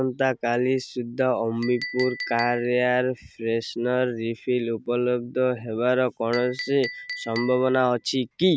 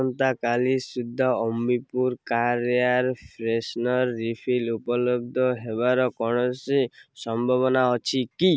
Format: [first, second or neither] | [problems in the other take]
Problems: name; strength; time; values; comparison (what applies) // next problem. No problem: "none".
second | background sound (Chink, clink); 16 dB below the speech